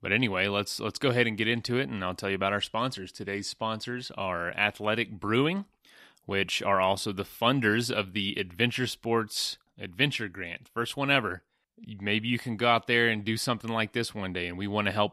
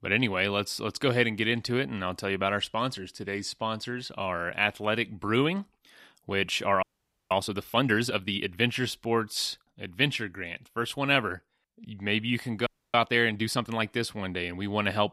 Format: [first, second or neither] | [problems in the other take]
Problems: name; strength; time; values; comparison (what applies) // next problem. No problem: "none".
first | audio freezing; at 7 s and at 13 s